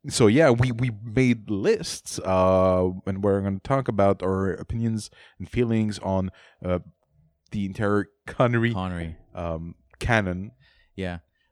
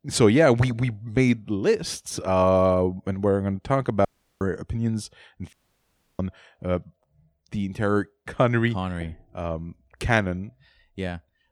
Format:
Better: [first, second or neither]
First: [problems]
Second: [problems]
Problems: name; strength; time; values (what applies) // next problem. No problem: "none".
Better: first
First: none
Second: audio cutting out; at 4 s and at 5.5 s for 0.5 s